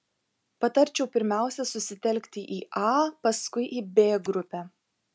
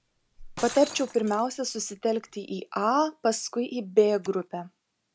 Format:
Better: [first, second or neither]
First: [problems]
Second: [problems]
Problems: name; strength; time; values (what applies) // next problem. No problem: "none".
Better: first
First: none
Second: background sound (Shatter); 19 dB below the speech